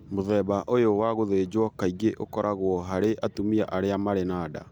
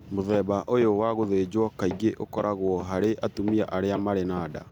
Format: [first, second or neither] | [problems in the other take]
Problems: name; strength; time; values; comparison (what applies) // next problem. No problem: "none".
first | background sound (Walk, footsteps); 16 dB below the speech